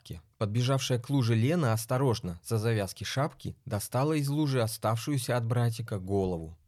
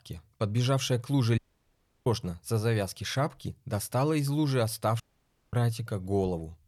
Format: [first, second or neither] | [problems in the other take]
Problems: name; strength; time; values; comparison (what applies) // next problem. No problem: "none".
first | audio cutting out; at 1.5 s for 0.5 s and at 5 s for 0.5 s